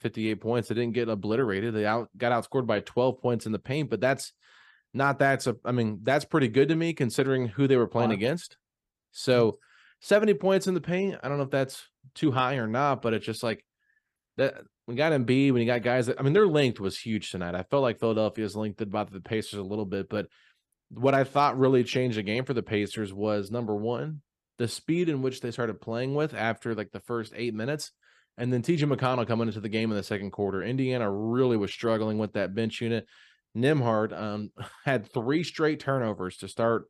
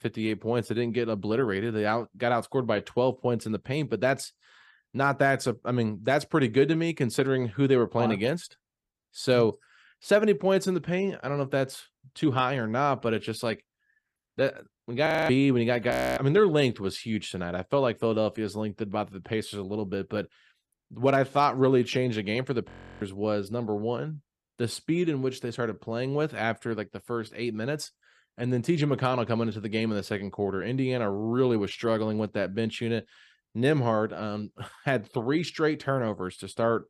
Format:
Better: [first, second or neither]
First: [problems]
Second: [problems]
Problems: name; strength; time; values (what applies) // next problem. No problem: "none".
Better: first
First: none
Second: audio freezing; at 15 s, at 16 s and at 23 s